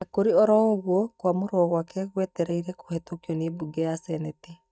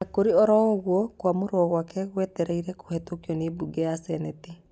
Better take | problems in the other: second | noise reduction (neural mask model DeepFilterNet 3)

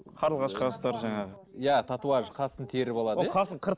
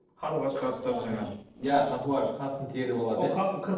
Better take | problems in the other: first | noise reduction (neural separator model SepFormer DNS4)

